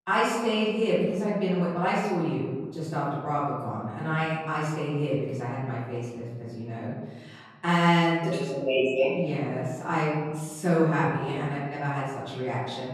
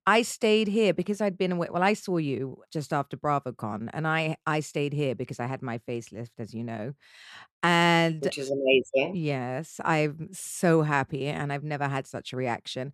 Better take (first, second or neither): second